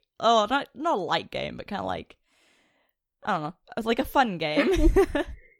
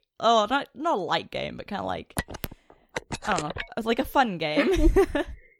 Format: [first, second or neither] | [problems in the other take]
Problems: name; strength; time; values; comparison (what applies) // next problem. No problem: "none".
first | phone ringing; noticeable; from 2 to 3.5 s; peak 6 dB below the speech